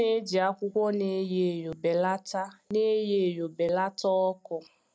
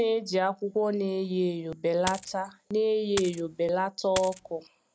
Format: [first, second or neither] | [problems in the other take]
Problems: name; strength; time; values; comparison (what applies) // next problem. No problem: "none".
first | background sound (Coin (dropping)); 10 dB below the speech